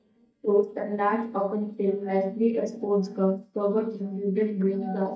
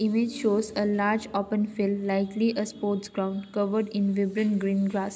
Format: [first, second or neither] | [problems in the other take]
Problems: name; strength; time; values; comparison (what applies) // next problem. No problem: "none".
second | noise reduction (neural mask model DeepFilterNet 3)